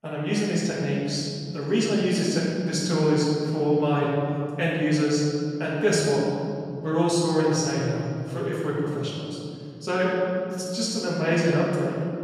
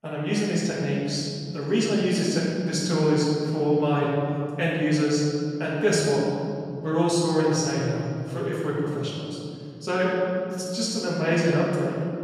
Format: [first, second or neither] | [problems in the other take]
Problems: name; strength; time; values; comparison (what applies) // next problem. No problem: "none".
neither | off-mic speech; far; the same in both // room echo; strong; dies away in 2.4 s; the same in both